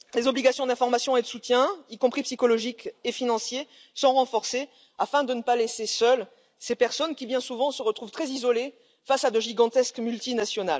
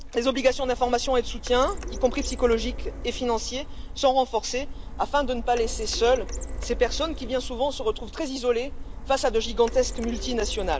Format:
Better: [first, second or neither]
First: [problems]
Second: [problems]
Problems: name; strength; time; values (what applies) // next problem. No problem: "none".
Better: first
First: none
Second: background sound (Printer); 7 dB below the speech